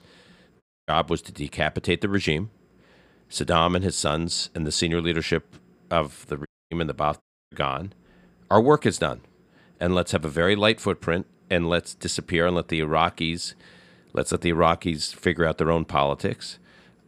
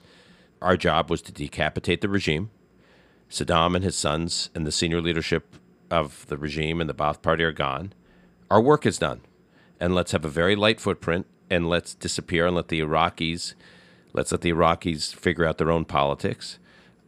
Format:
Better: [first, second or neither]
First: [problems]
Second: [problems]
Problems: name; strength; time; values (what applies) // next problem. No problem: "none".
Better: second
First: audio cutting out; at 0.5 s, at 6.5 s and at 7 s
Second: none